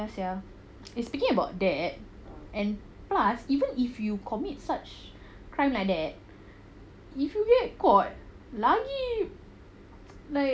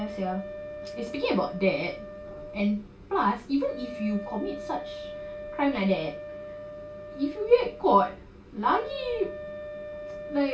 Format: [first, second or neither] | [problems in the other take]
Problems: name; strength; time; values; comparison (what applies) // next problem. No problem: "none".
first | background sound (Wind instrument, woodwind instrument); 11 dB below the speech // room echo; dies away in 0.2 s